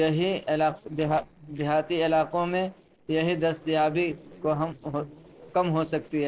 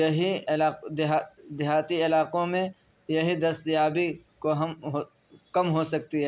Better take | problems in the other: second | noise reduction (neural separator model SepFormer DNS4)

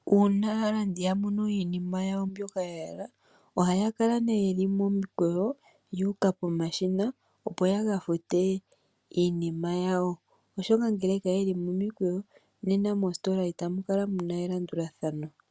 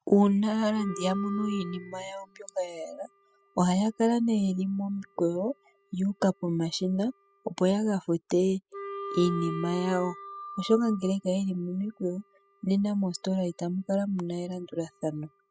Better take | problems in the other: first | noise reduction (classical method spectral subtraction)

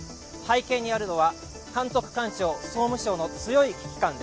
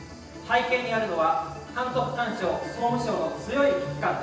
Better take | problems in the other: first | room echo; dies away in 0.9 s

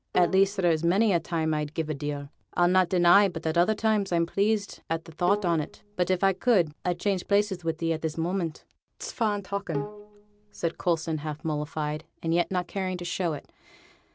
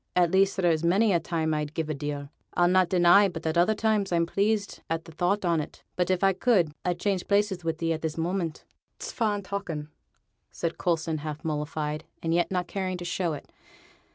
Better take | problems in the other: second | background sound (Bowed string instrument); 15 dB below the speech

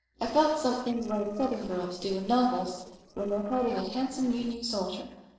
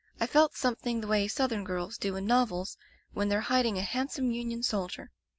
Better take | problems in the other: second | noise reduction (neural separator model SepFormer DNS4)

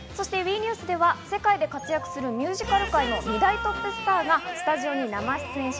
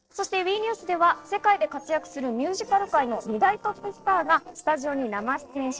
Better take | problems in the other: first | noise reduction (neural separator model SepFormer DNS4)

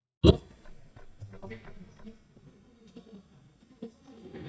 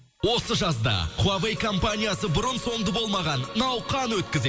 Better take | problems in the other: second | noise reduction (neural mask model DeepFilterNet 3)

